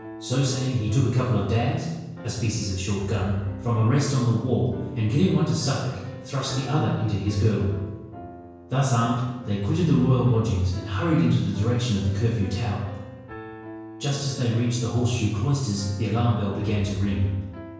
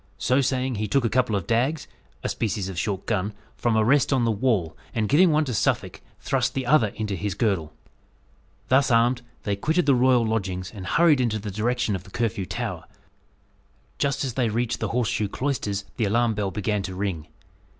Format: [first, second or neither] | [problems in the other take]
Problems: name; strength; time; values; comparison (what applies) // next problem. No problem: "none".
second | background sound (Piano); 16 dB below the speech // room echo; dies away in 1 s